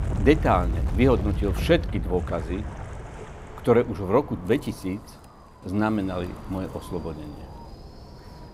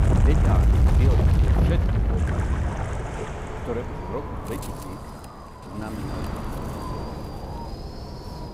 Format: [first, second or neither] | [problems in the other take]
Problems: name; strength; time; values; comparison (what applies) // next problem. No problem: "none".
first | wind noise on the microphone; heavy; 3 dB above the speech; occasional gusts in the first